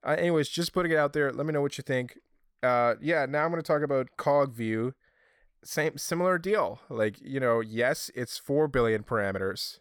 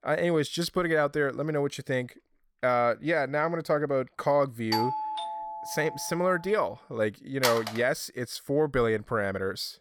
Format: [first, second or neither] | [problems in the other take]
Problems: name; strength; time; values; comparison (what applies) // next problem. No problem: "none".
first | doorbell; noticeable; from 4.5 to 6 s; peak 1 dB below the speech // phone ringing; noticeable; at 7.5 s; peak 1 dB below the speech